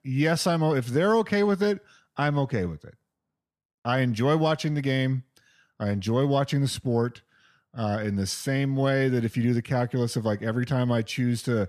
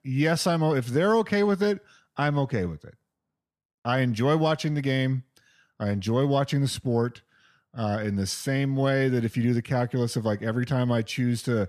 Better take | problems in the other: neither | none

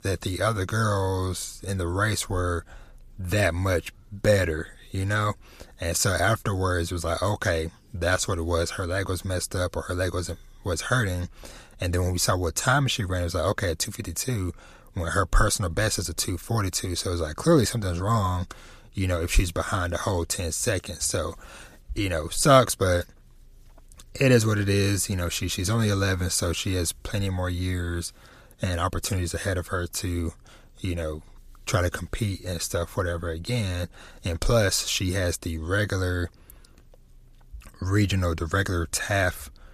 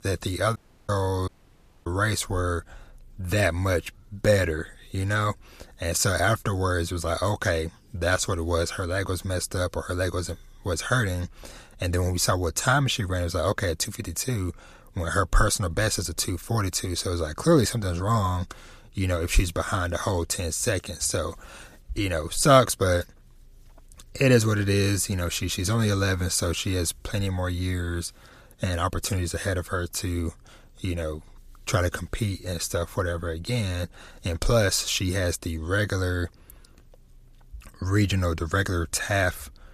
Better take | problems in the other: first | audio cutting out; at 0.5 s and at 1.5 s for 0.5 s

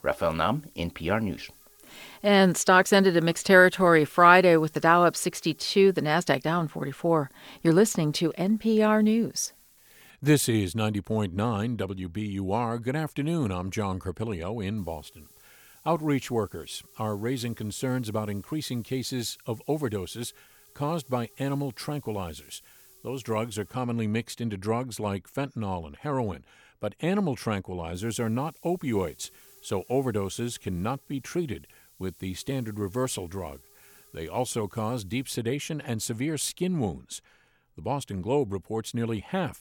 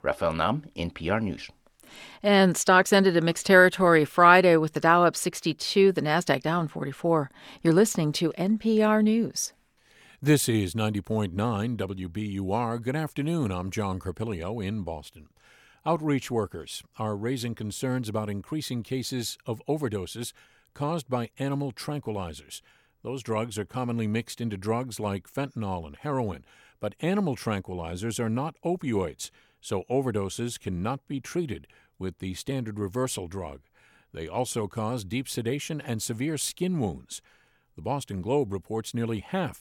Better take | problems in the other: second | hiss; faint; until 10 s, from 15 to 24 s and from 28 to 35 s; 25 dB below the speech

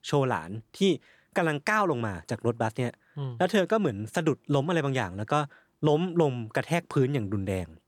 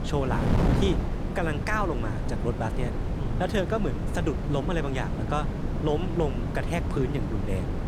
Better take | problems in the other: first | wind noise on the microphone; heavy; 5 dB below the speech

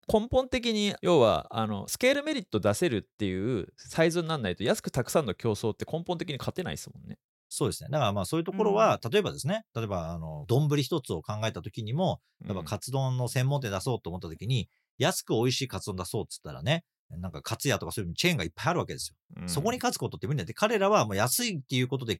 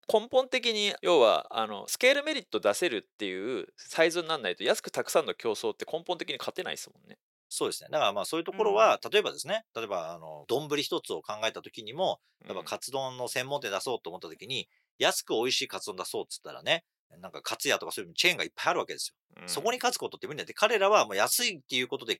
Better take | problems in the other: first | thin; somewhat; fading below 450 Hz

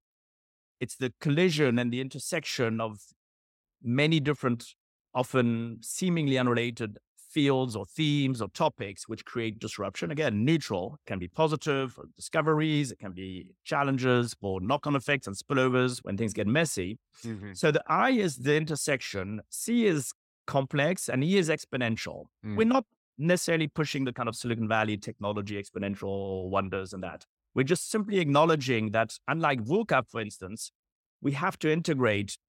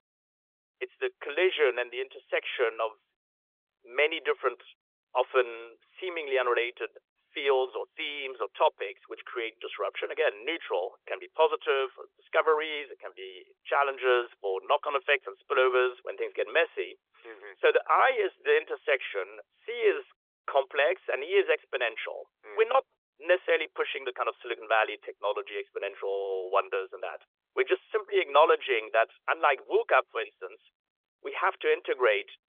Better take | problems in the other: first | phone-call audio; nothing above 3.5 kHz

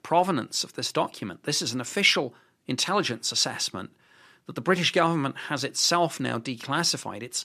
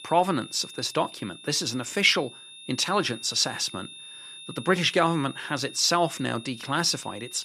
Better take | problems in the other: first | high-pitched whine; noticeable; throughout; 3.5 kHz, 15 dB below the speech

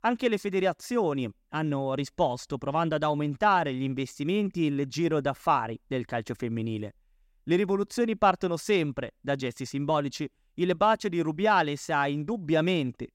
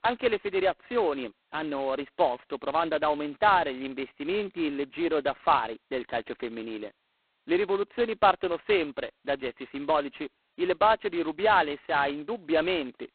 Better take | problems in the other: first | phone-call audio; poor line; nothing above 4 kHz

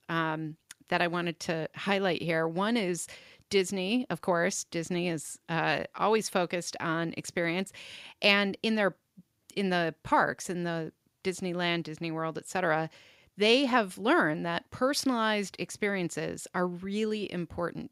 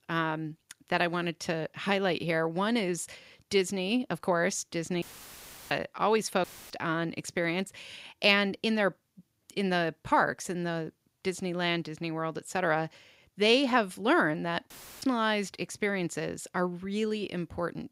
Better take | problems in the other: first | audio cutting out; filled with static; at 5 s for 0.5 s, at 6.5 s and at 15 s

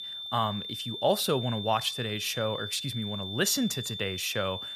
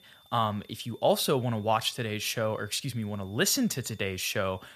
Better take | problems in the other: second | high-pitched whine; loud; throughout; 3.5 kHz, 6 dB below the speech; faint in the second

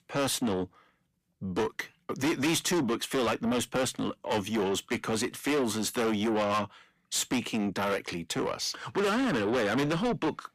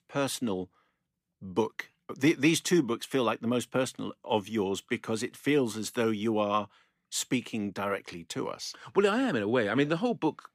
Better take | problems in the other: second | distortion; heavy; 6 dB below the speech

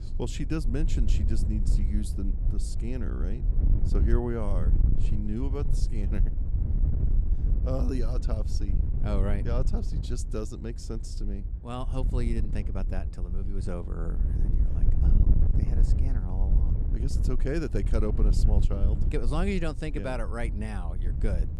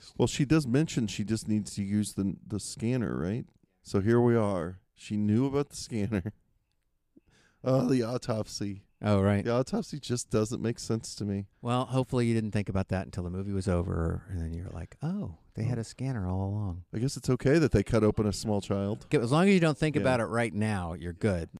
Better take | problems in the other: second | wind noise on the microphone; heavy; 8 dB below the speech

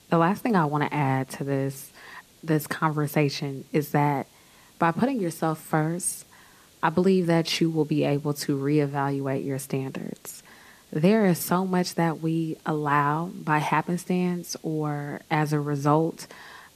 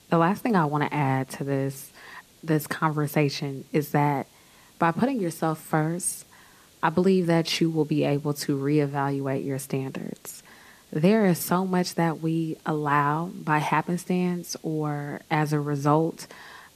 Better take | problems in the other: neither | hiss; faint; throughout; 30 dB below the speech; the same in both

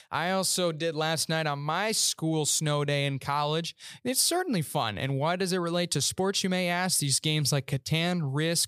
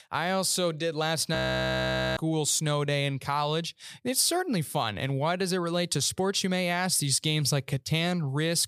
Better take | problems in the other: first | audio freezing; at 1.5 s for 1 s

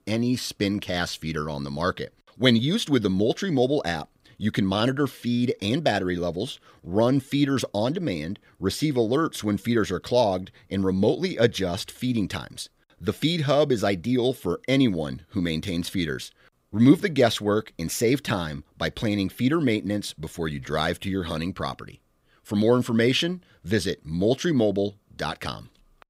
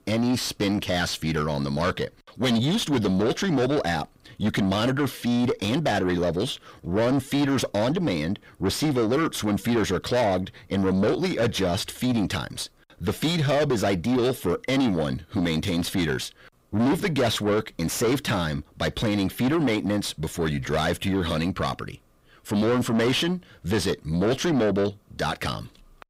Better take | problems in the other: first | distortion; heavy; 6 dB below the speech

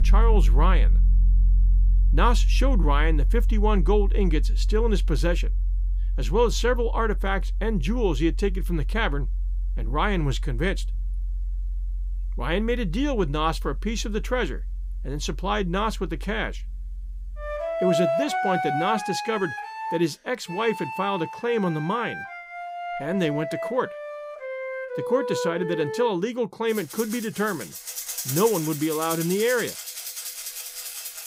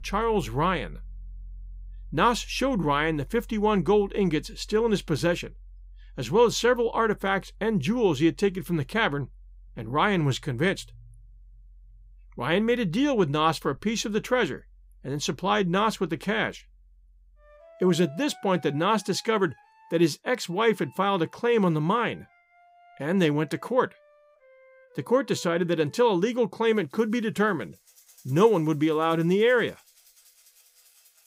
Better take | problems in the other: second | background music; loud; throughout; 1 dB below the speech; faint in the second

